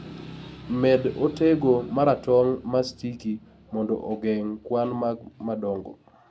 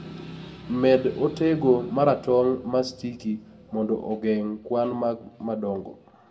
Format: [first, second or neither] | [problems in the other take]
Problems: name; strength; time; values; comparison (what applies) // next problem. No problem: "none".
first | room echo; dies away in 1.1 s